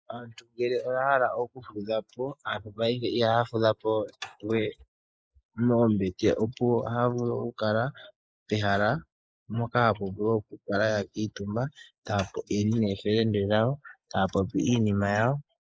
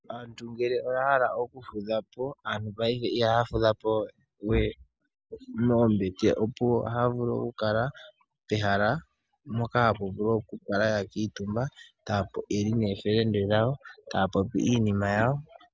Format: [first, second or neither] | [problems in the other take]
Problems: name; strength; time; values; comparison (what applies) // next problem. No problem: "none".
second | noise reduction (neural mask model Resemble Enhance denoiser)